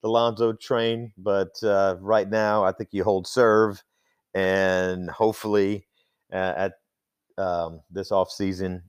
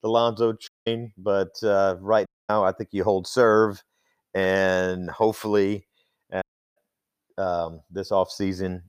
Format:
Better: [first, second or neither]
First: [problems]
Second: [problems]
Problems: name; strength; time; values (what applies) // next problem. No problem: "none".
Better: first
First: none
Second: audio cutting out; at 0.5 s, at 2.5 s and at 6.5 s